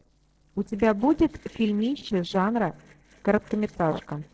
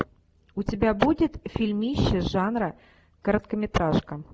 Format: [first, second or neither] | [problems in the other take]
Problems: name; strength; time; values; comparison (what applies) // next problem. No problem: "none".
second | noise reduction (neural separator model SepFormer DNS4)